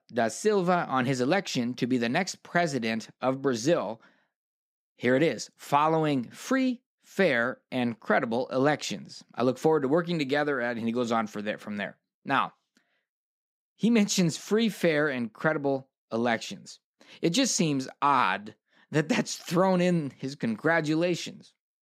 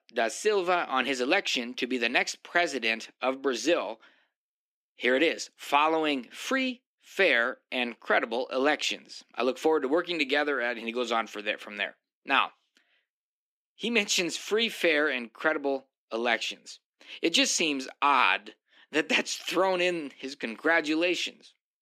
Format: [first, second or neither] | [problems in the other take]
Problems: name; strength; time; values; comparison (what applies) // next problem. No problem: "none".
first | thin; very slightly; fading below 300 Hz